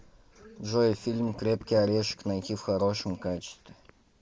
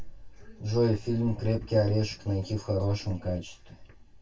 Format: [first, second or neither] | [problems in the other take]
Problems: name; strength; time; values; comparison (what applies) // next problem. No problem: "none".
first | room echo; dies away in 0.1 s